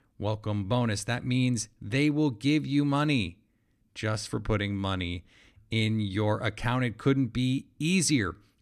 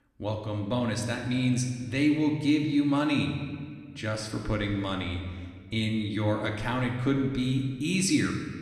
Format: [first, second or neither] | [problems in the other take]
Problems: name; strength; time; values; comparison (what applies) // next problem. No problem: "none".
first | room echo; slight; dies away in 1.4 s // off-mic speech; somewhat distant